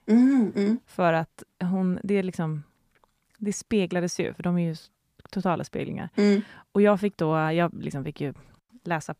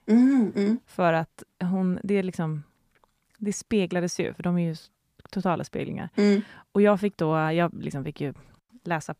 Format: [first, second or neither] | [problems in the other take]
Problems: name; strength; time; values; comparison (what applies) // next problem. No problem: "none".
neither | none